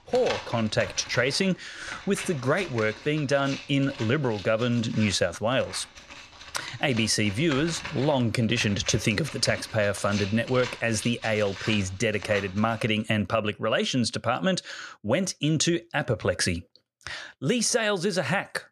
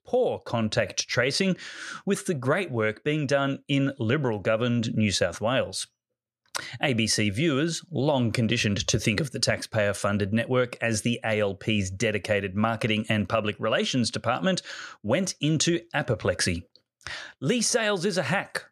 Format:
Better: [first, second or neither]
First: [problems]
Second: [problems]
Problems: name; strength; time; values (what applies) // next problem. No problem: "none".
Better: second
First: household noises; noticeable; until 13 s; 15 dB below the speech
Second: none